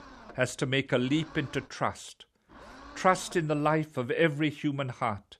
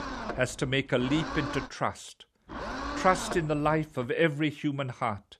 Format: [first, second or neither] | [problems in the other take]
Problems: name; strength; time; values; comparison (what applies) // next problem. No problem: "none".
first | low rumble; loud; until 1.5 s and from 2.5 to 4 s; 7 dB below the speech; faint in the first